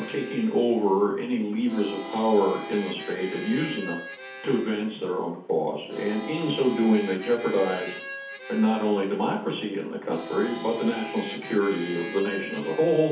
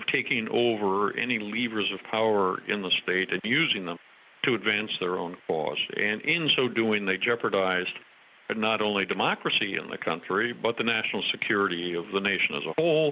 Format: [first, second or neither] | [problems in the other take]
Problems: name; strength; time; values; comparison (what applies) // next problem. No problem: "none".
second | background sound (Harmonica); 14 dB below the speech // room echo; dies away in 0.5 s